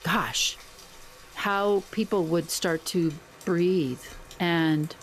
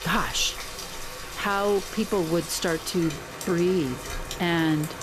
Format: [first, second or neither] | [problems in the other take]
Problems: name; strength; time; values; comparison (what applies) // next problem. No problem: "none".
first | rain or running water; loud; throughout; 9 dB below the speech; faint in the first